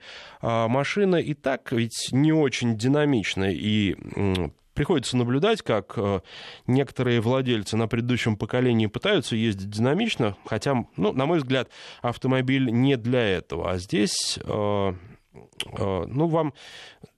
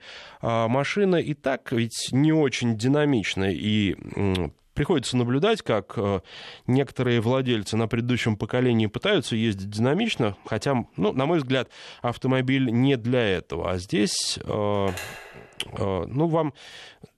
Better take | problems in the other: first | phone ringing; faint; at 15 s; peak 10 dB below the speech

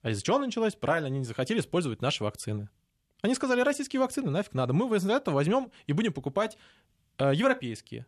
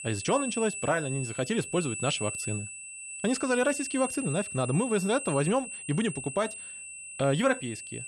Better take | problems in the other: first | high-pitched whine; loud; throughout; 8 kHz, 7 dB below the speech

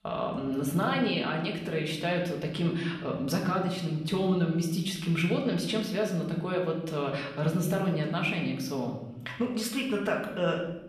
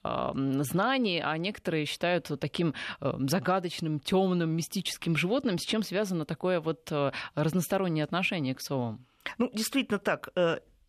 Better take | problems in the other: second | room echo; noticeable; dies away in 0.9 s // off-mic speech; somewhat distant

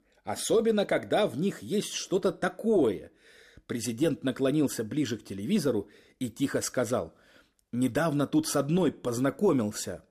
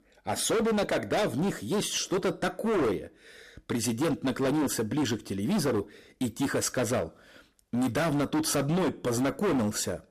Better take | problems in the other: first | distortion; heavy; 20% of the sound clipped

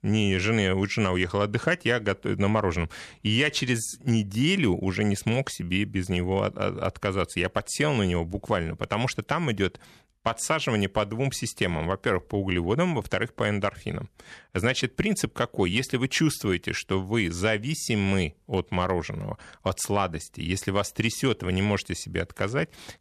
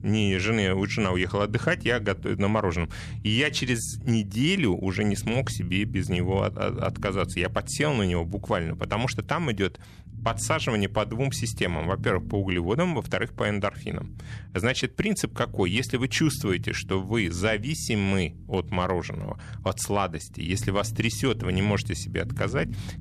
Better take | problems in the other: first | low rumble; faint; throughout; 20 dB below the speech

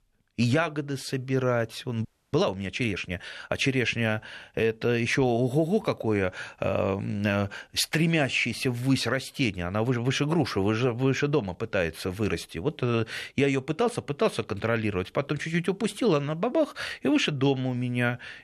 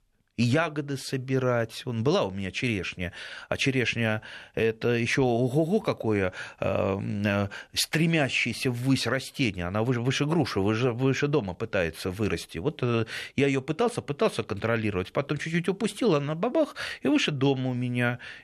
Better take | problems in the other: second | audio freezing; at 2 s

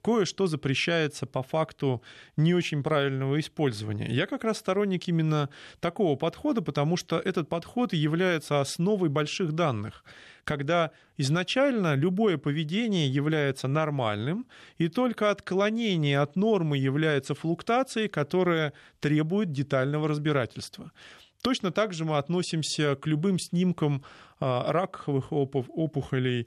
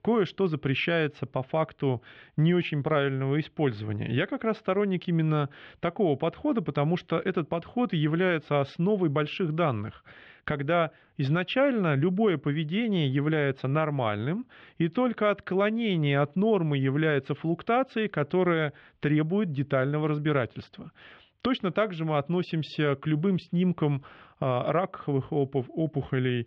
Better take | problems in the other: first | muffled; very; fading above 3 kHz

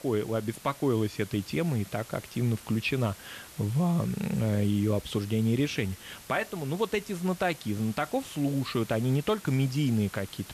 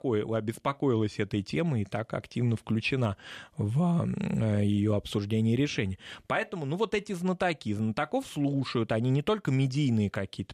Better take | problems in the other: second | hiss; noticeable; throughout; 15 dB below the speech

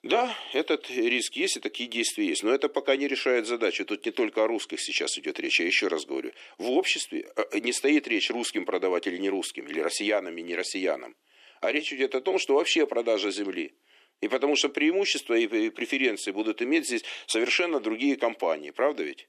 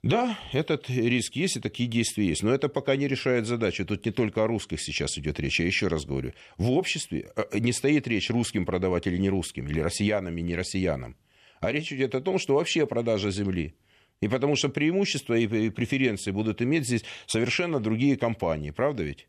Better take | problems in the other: second | thin; somewhat; fading below 300 Hz

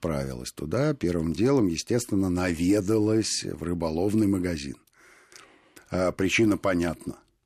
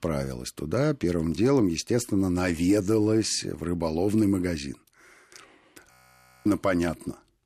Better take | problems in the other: first | audio freezing; at 6 s for 0.5 s

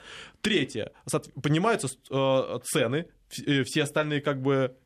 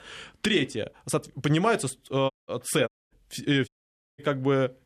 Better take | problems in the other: first | audio cutting out; at 2.5 s, at 3 s and at 3.5 s

